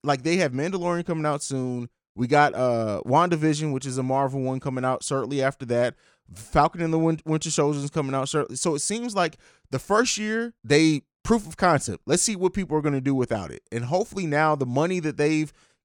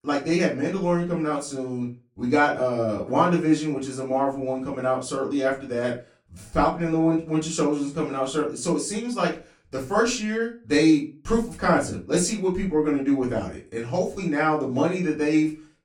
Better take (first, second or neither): first